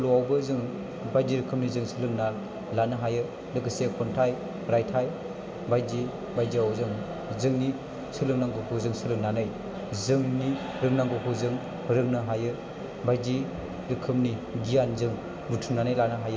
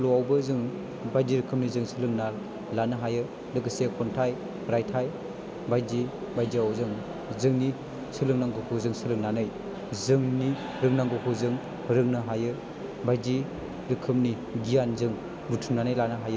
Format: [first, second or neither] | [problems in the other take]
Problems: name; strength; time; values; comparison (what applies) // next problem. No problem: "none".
second | room echo; dies away in 1.6 s